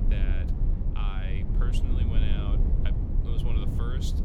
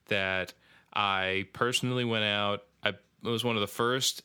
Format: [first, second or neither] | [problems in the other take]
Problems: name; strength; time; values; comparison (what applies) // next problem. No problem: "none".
second | low rumble; loud; throughout; as loud as the speech